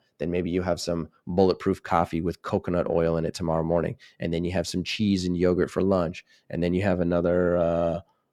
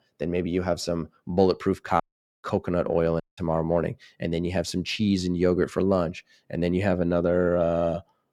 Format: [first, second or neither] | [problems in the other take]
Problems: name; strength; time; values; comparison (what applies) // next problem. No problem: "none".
first | audio cutting out; at 2 s and at 3 s